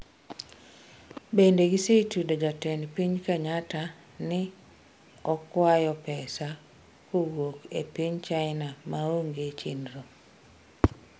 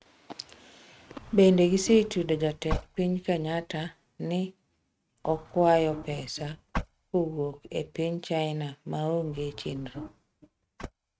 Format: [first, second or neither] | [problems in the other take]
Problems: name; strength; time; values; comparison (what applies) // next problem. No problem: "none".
first | noise reduction (neural mask model RNNoise)